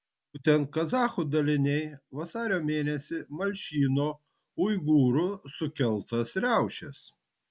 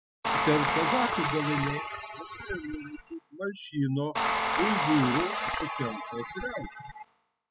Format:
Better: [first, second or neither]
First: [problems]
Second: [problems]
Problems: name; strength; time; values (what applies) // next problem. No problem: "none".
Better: first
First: none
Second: noise reduction (classical method spectral subtraction)